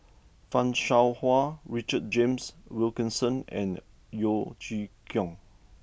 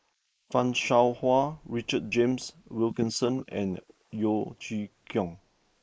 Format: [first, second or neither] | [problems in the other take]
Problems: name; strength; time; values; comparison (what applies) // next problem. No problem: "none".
first | noise reduction (neural mask model Resemble Enhance denoiser)